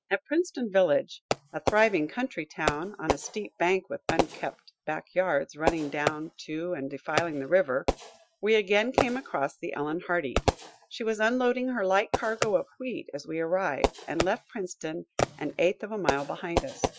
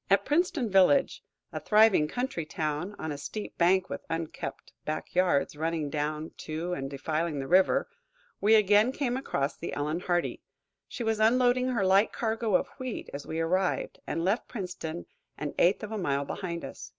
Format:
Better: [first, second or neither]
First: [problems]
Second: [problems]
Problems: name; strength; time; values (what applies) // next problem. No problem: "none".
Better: second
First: noise reduction (classical method Wiener filter)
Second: none